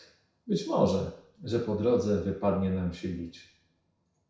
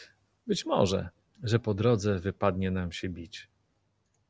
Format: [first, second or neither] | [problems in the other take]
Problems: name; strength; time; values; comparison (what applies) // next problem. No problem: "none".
second | room echo; dies away in 0.6 s